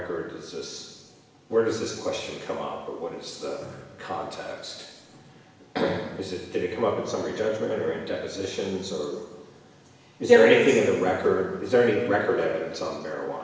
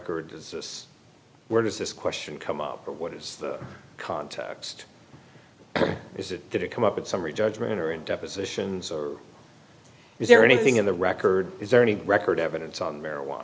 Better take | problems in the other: second | room echo; dies away in 1.1 s

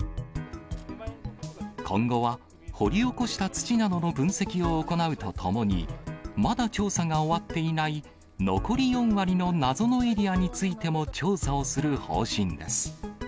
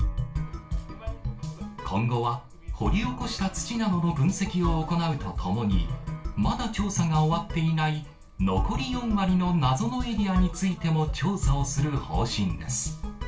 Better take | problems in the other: first | room echo; dies away in 0.2 s

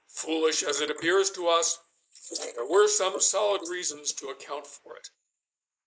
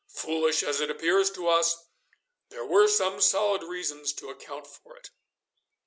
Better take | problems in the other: second | noise reduction (neural mask model Resemble Enhance denoiser)

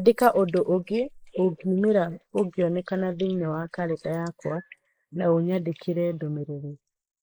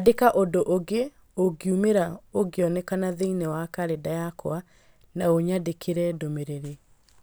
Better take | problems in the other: second | noise reduction (neural mask model Resemble Enhance denoiser)

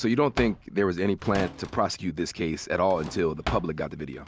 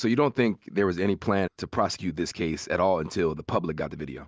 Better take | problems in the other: second | background sound (Drawer open or close); 13 dB below the speech

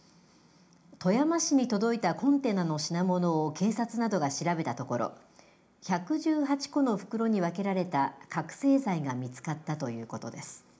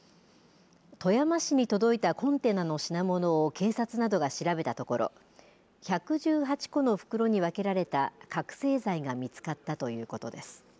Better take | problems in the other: second | room echo; dies away in 0.4 s

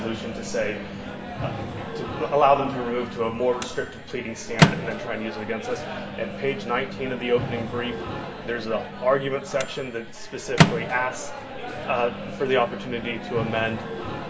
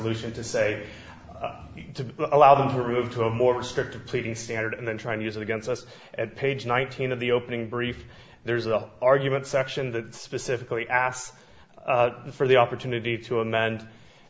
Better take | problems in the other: second | background sound (Microwave oven); 2 dB below the speech // room echo; dies away in 0.2 s

